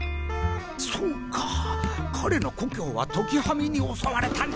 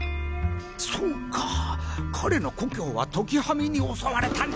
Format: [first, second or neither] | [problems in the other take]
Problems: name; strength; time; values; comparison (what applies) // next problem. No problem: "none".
second | background sound (Wind instrument, woodwind instrument + Drip); 9 dB below the speech